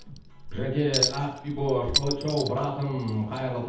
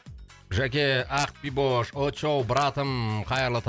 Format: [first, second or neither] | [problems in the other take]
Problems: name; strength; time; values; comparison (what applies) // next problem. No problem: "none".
second | background sound (Chink, clink); 5 dB below the speech // room echo; dies away in 0.8 s